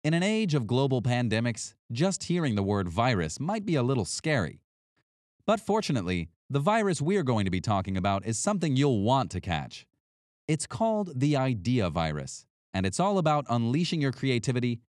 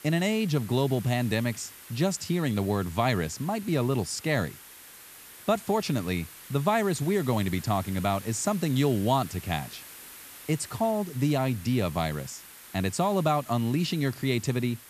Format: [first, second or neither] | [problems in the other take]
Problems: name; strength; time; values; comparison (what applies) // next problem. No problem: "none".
first | hiss; noticeable; throughout; 15 dB below the speech